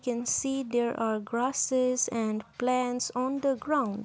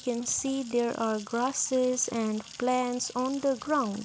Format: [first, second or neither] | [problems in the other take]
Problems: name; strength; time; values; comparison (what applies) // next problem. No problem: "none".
first | background sound (Sink (filling or washing) / Water tap, faucet / Splash, splatter); 19 dB below the speech